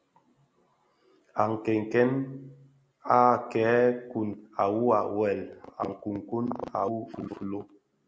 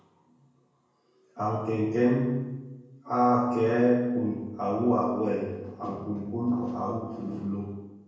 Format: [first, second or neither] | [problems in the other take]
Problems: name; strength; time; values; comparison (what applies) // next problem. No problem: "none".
first | room echo; dies away in 1 s